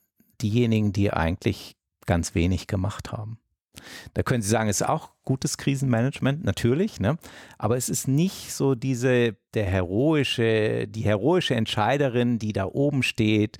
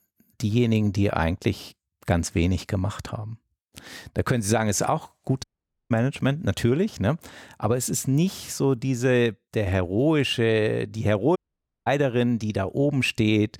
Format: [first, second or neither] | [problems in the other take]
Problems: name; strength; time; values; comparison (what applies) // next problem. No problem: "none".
first | audio cutting out; at 5.5 s and at 11 s for 0.5 s